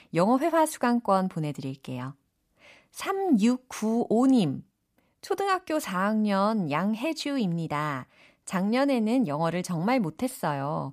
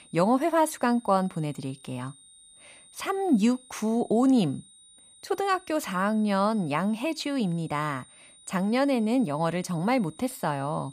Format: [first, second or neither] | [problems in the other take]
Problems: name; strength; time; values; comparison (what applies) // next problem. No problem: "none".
first | high-pitched whine; faint; throughout; 9 kHz, 25 dB below the speech